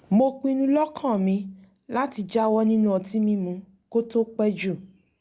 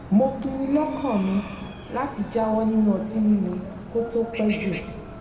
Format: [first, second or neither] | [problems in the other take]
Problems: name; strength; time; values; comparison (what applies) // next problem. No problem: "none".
first | background sound (Chicken, rooster); 14 dB below the speech // room echo; dies away in 1.8 s